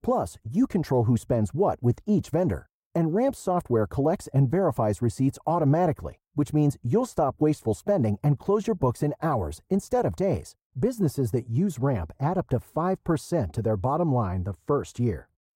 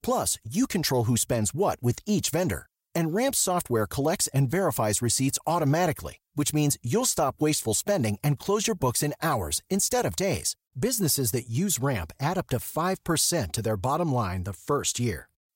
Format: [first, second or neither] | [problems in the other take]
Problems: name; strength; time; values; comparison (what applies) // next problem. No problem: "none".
second | muffled; very; fading above 1.5 kHz